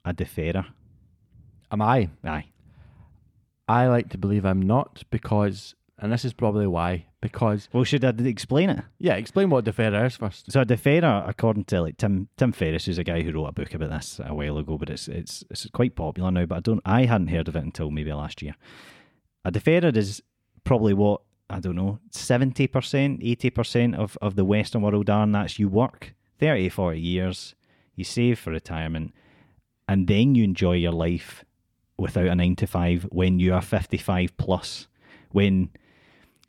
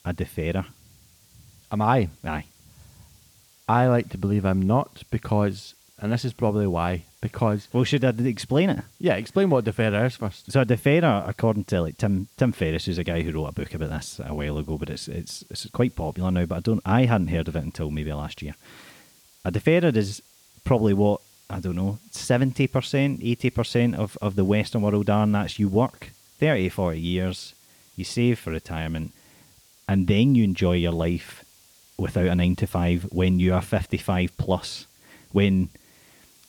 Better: first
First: none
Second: hiss; faint; throughout; 30 dB below the speech

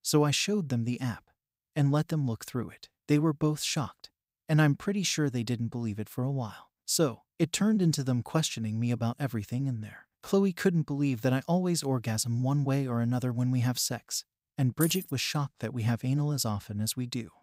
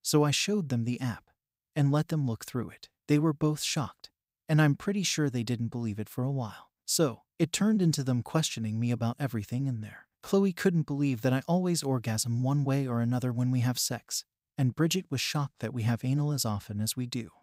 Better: second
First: jangling keys; noticeable; at 15 s; peak 6 dB below the speech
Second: none

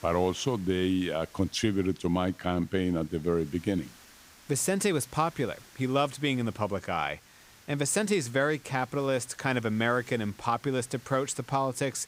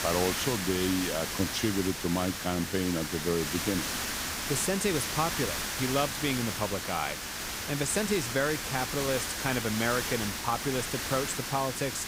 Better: first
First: hiss; faint; throughout; 25 dB below the speech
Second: hiss; loud; throughout; 2 dB below the speech

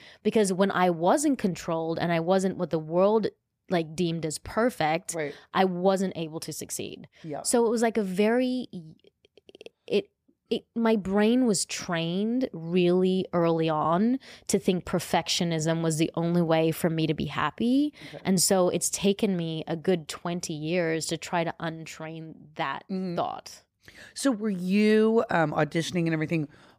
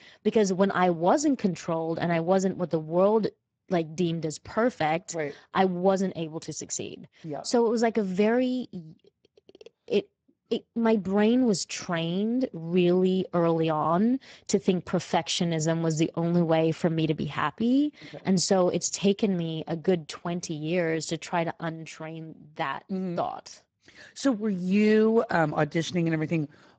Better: first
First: none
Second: garbled, watery; badly; nothing above 7.5 kHz

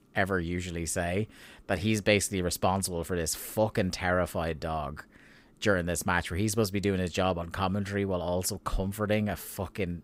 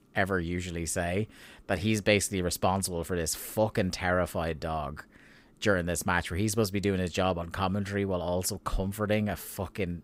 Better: neither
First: none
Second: none

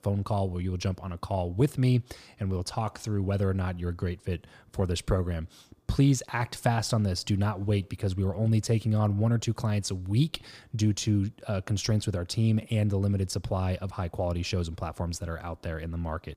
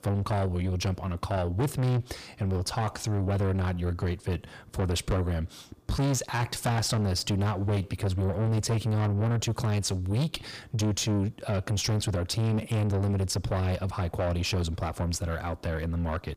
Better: first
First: none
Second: distortion; heavy; 8 dB below the speech

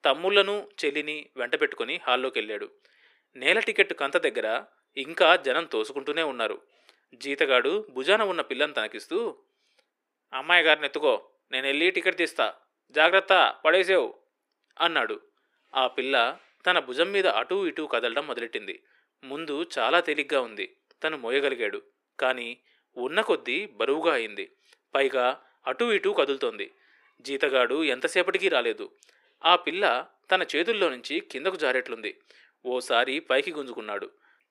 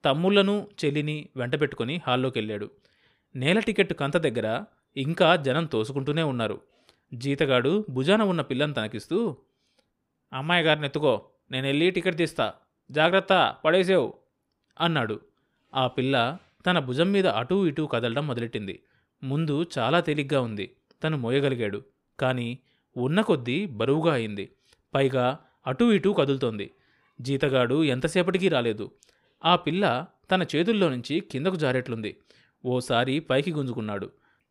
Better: second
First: thin; very; fading below 350 Hz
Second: none

